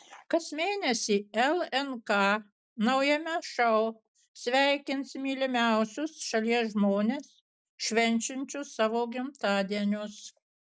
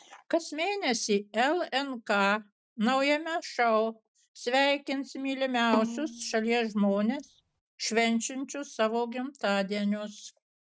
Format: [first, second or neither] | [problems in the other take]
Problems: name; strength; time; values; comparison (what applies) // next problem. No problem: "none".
first | noise reduction (neural mask model RNNoise)